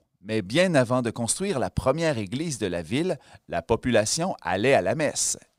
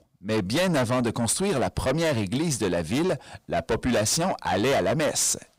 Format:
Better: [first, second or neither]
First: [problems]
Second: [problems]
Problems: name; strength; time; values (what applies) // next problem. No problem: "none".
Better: first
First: none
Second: distortion; heavy; 6 dB below the speech